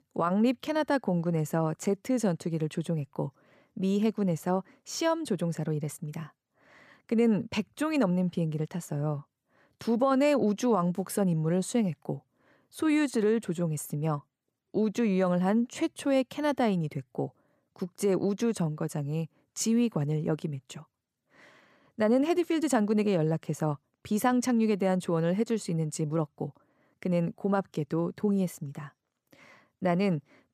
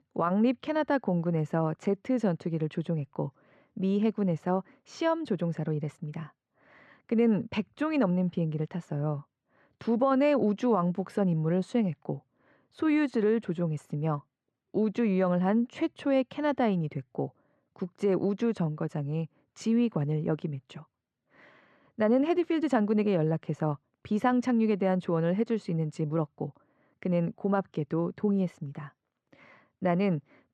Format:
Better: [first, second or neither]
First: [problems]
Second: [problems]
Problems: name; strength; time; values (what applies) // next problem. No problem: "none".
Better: first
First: none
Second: muffled; slightly; fading above 3 kHz